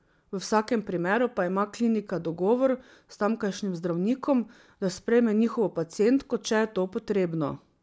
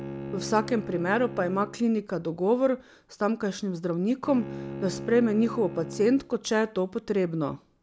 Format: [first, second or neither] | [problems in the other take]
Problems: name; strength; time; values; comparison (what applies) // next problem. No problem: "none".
first | background sound (Bowed string instrument); 13 dB below the speech